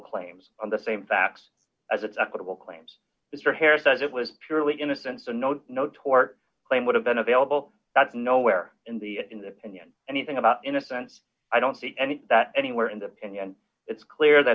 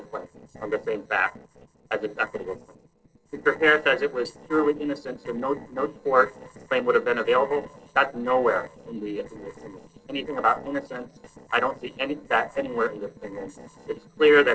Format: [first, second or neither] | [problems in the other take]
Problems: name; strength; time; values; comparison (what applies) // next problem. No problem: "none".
first | noise reduction (neural separator model SepFormer DNS4)